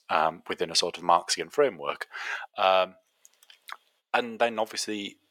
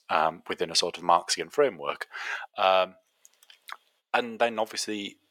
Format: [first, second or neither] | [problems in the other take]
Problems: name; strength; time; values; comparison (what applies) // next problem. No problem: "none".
neither | thin; very; fading below 650 Hz; the same in both